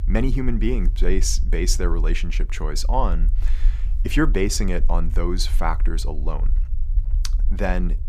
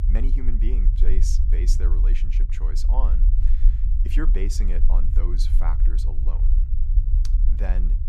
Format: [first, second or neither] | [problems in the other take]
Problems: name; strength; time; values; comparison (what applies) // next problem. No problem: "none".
first | low rumble; loud; throughout; 6 dB below the speech; faint in the first